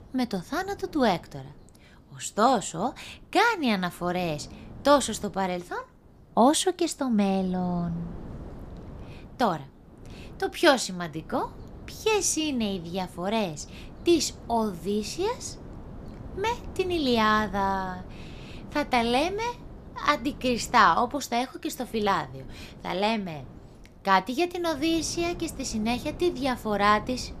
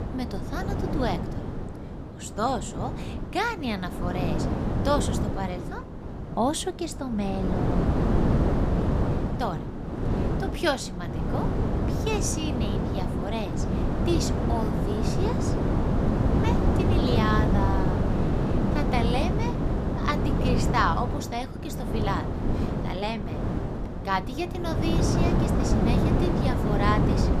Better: first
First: wind noise on the microphone; occasional gusts; 25 dB below the speech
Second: wind noise on the microphone; heavy; 2 dB below the speech

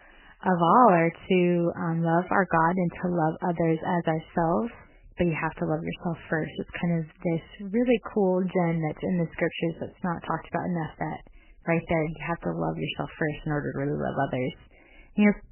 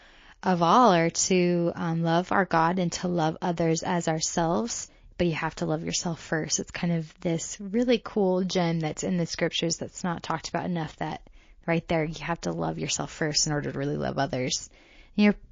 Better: second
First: garbled, watery; badly; nothing above 3 kHz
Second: garbled, watery; slightly

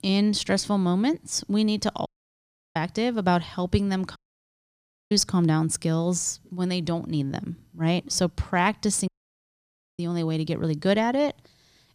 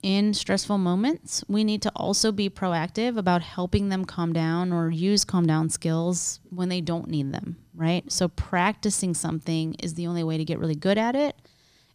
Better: second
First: audio cutting out; at 2 s for 0.5 s, at 4 s for 1 s and at 9 s for 1 s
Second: none

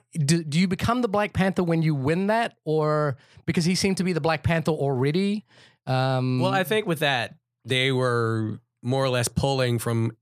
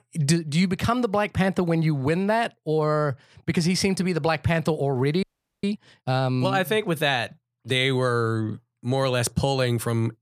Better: first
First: none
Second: audio freezing; at 5 s

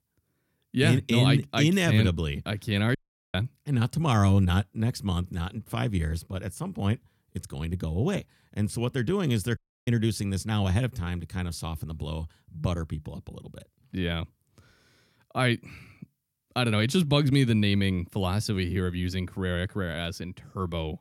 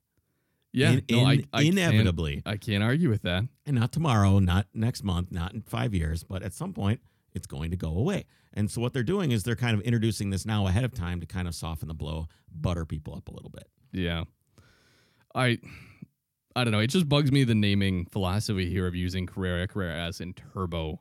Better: second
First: audio cutting out; at 3 s and at 9.5 s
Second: none

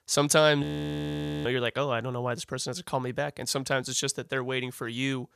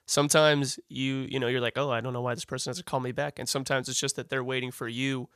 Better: second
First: audio freezing; at 0.5 s for 1 s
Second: none

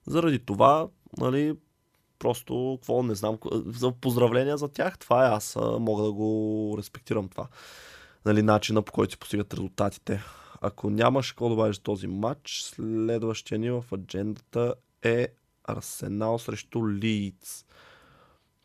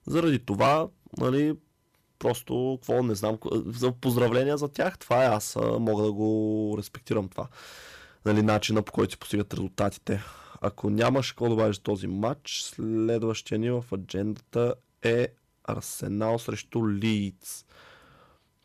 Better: first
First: none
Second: distortion; slight; 3% of the sound clipped

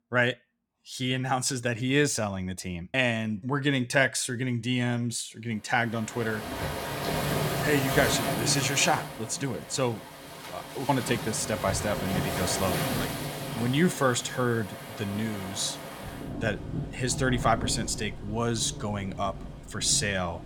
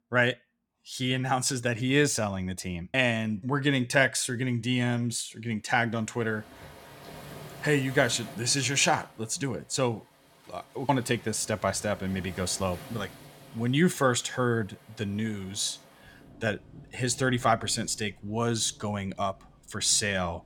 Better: second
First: rain or running water; loud; from 6 s on; 6 dB below the speech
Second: rain or running water; faint; from 6 s on; 20 dB below the speech

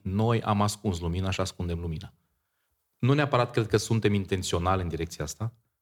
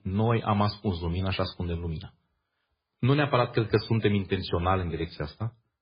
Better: first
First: none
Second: garbled, watery; badly; nothing above 5 kHz

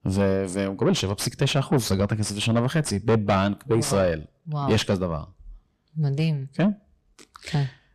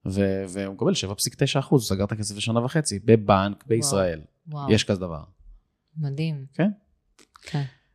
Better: second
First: distortion; heavy; 6 dB below the speech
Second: none

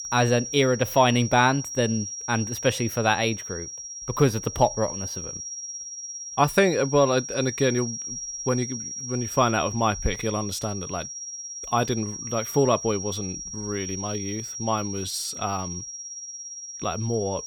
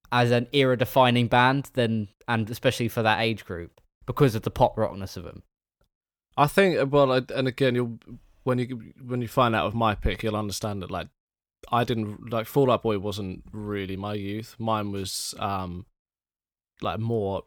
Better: second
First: high-pitched whine; loud; throughout; 5.5 kHz, 8 dB below the speech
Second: none

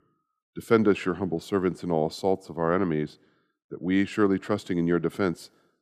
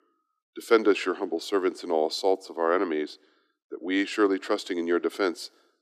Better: first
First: none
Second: thin; somewhat; fading below 300 Hz

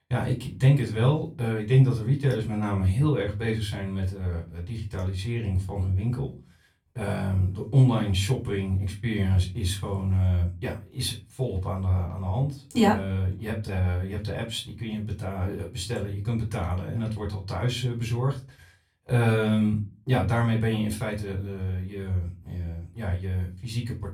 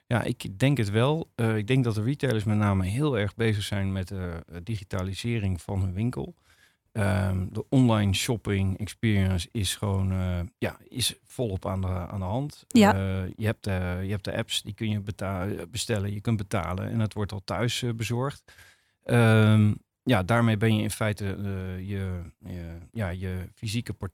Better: second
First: off-mic speech; far // room echo; very slight; dies away in 0.3 s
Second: none

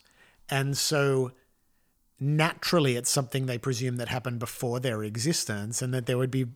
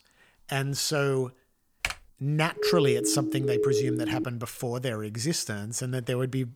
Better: first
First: none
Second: keyboard typing; noticeable; at 2 s; peak 4 dB below the speech // siren; loud; from 2.5 to 4 s; peak 3 dB above the speech

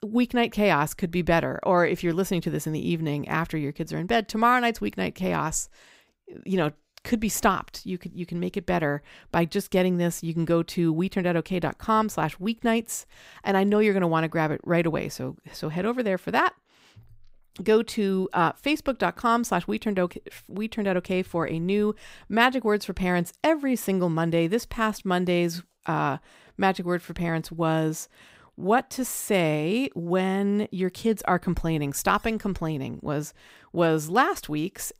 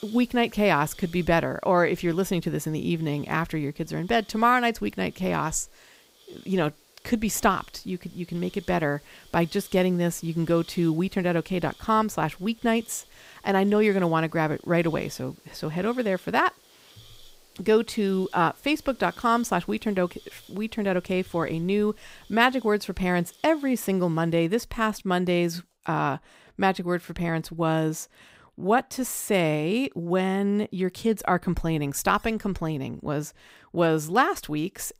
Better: first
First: none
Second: hiss; faint; until 24 s; 25 dB below the speech

